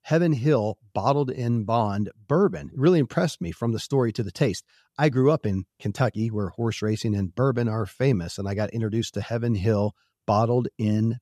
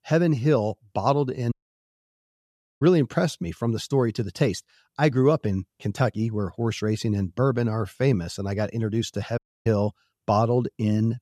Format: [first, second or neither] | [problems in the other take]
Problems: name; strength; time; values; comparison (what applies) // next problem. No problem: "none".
first | audio cutting out; at 1.5 s for 1.5 s and at 9.5 s